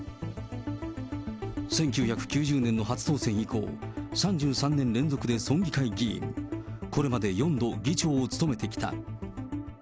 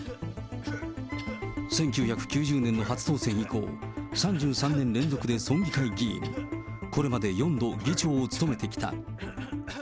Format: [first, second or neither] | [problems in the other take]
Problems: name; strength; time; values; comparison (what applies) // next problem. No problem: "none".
first | background sound (Cough + Wind instrument, woodwind instrument); 16 dB below the speech